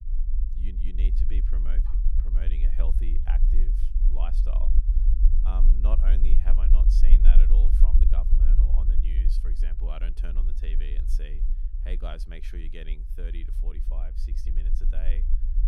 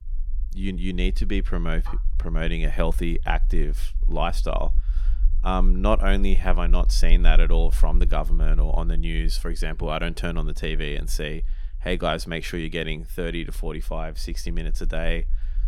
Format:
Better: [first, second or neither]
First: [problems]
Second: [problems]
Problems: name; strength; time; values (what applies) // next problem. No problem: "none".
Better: second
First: low rumble; loud; throughout; 3 dB below the speech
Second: low rumble; faint; throughout; 25 dB below the speech